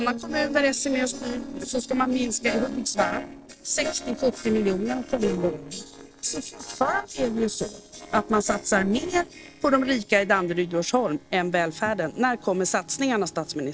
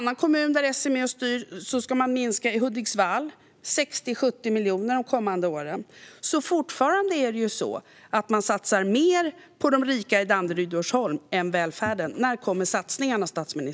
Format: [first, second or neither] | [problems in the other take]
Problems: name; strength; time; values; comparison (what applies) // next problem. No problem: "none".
second | noise reduction (neural separator model SepFormer DNS4)